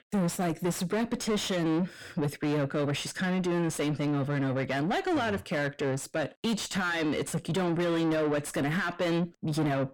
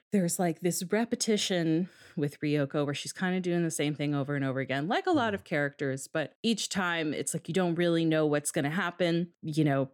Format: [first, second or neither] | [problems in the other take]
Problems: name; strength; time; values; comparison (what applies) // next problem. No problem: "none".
second | distortion; heavy; 7 dB below the speech